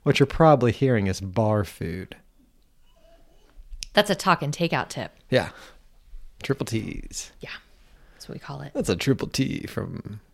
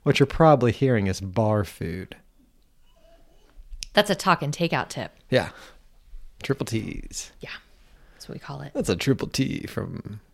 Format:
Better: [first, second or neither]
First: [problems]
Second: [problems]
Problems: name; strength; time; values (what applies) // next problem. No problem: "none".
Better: neither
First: none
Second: none